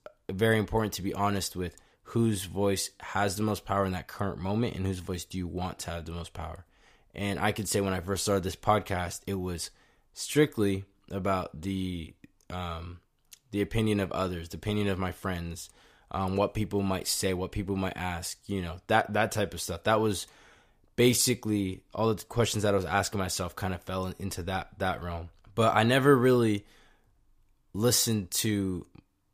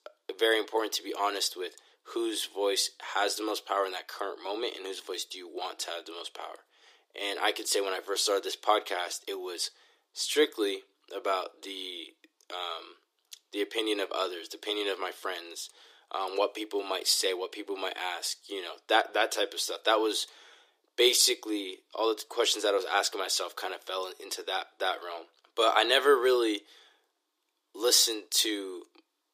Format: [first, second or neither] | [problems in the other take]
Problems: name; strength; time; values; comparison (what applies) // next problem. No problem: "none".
first | thin; very; fading below 300 Hz